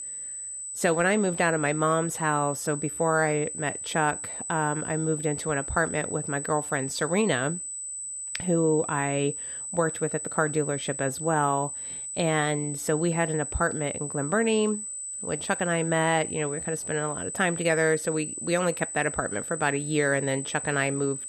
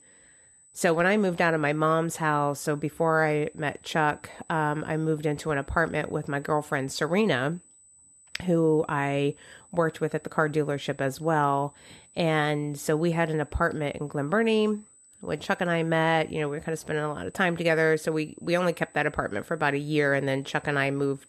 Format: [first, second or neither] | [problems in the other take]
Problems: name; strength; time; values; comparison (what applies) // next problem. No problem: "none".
second | high-pitched whine; loud; throughout; 8 kHz, 6 dB below the speech; faint in the second